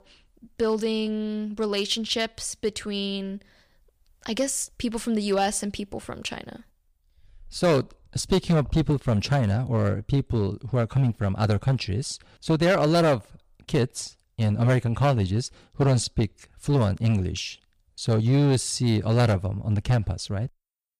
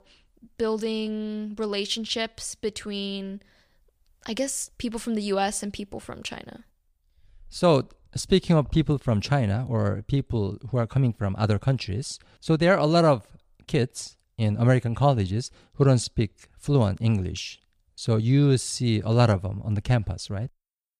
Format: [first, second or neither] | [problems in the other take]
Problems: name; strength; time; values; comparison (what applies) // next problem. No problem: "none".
second | distortion; slight; 5% of the sound clipped